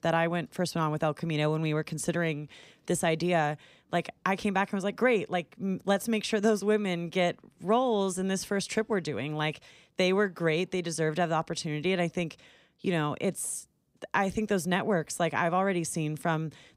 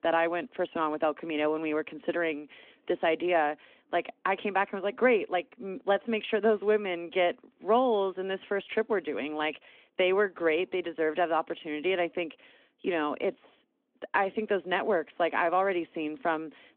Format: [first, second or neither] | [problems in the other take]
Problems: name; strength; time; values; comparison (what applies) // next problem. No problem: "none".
first | phone-call audio